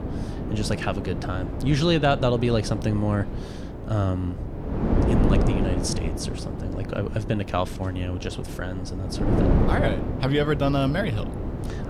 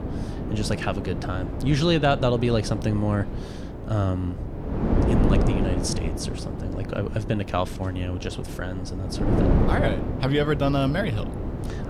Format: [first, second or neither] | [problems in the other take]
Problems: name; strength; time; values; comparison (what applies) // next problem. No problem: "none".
neither | wind noise on the microphone; heavy; 6 dB below the speech; the same in both